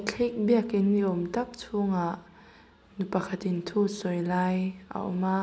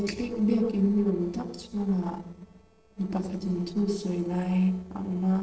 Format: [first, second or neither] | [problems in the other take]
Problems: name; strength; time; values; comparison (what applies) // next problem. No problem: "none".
first | noise reduction (neural separator model SepFormer DNS4)